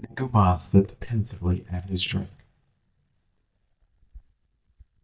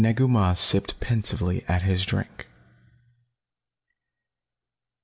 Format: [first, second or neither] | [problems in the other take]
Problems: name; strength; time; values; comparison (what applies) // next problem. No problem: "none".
second | noise reduction (neural mask model DeepFilterNet 3)